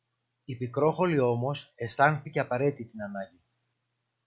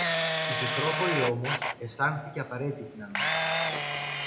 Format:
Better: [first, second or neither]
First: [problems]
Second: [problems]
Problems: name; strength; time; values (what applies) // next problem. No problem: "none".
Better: first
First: none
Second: background sound (Camera); 3 dB above the speech // room echo; dies away in 0.6 s